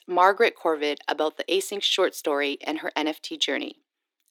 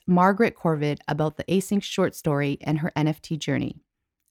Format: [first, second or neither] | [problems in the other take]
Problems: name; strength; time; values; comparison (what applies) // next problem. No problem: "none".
second | thin; very; fading below 300 Hz